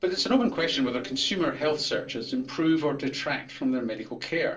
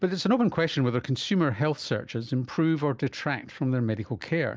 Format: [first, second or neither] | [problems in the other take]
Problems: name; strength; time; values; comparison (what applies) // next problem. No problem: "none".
second | noise reduction (neural separator model SepFormer DNS4)